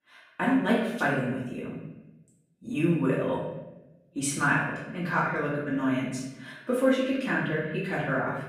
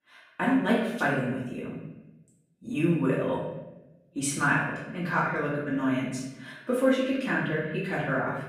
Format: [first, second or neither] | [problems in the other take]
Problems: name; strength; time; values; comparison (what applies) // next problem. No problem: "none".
neither | off-mic speech; far; the same in both // room echo; noticeable; dies away in 0.8 s; the same in both